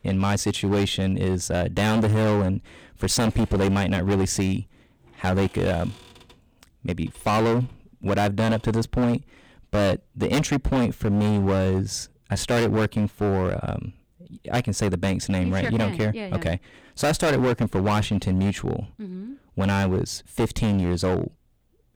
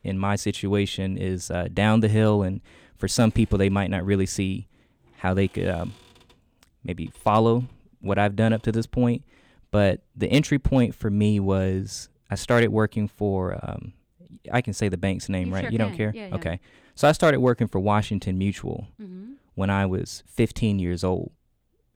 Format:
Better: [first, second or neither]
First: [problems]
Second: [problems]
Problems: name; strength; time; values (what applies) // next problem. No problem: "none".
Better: second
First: distortion; heavy; 16% of the sound clipped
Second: none